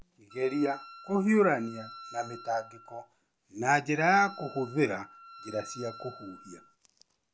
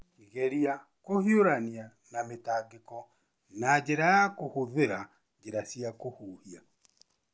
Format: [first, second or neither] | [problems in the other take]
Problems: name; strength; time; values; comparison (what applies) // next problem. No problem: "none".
second | background sound (Wind instrument, woodwind instrument); 19 dB below the speech